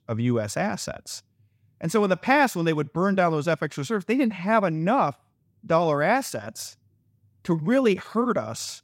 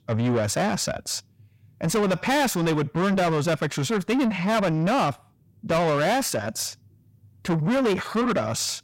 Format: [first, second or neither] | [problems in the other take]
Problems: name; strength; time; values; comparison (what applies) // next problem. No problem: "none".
first | distortion; heavy; 7 dB below the speech